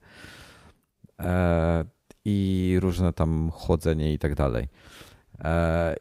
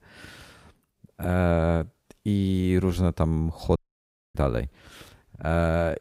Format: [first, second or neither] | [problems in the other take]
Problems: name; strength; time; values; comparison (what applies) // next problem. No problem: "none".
first | audio cutting out; at 4 s for 0.5 s